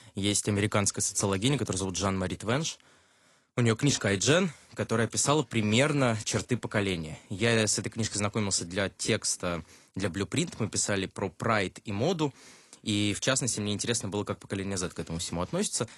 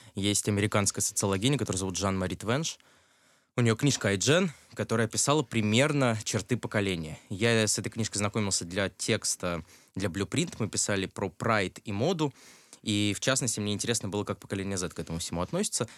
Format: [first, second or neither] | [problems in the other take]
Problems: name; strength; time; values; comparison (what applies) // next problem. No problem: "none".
second | garbled, watery; slightly